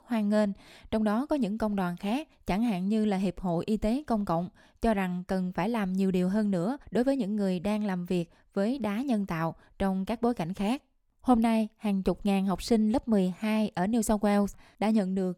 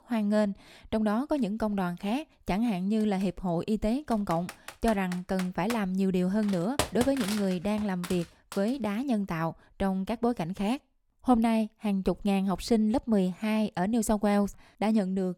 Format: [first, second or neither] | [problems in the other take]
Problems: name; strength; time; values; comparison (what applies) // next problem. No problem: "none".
first | keyboard typing; noticeable; from 4 to 8.5 s; peak 3 dB below the speech